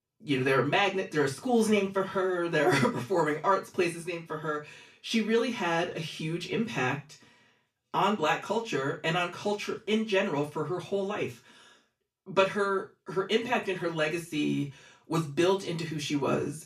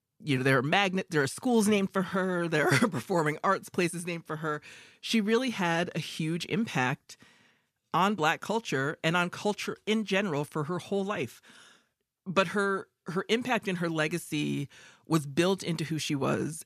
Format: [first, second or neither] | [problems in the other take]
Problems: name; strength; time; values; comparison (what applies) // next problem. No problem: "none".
second | room echo; very slight; dies away in 0.3 s // off-mic speech; far